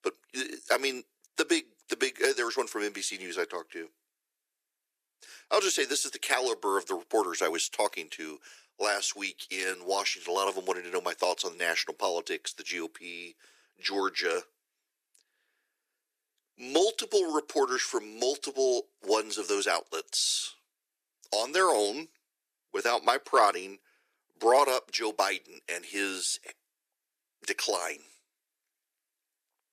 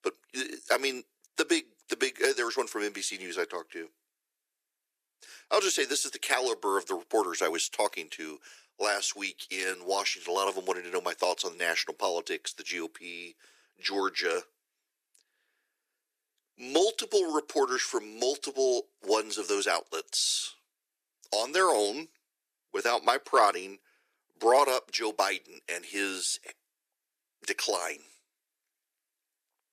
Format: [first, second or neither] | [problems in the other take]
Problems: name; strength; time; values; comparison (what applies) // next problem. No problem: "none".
neither | thin; very; fading below 350 Hz; the same in both